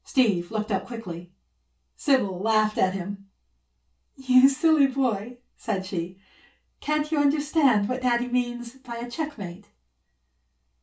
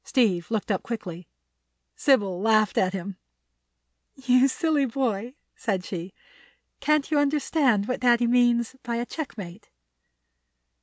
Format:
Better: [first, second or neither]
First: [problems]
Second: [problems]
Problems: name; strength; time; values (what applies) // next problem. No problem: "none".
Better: second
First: room echo; dies away in 0.3 s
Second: none